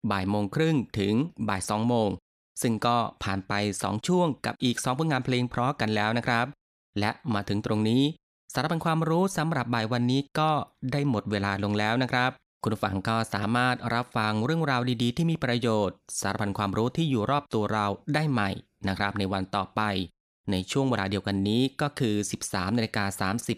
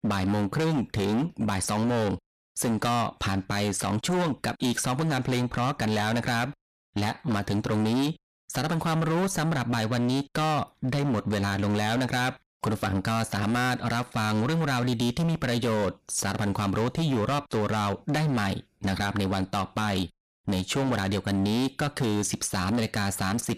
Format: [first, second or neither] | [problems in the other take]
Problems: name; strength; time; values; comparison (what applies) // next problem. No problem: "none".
first | distortion; heavy; 24% of the sound clipped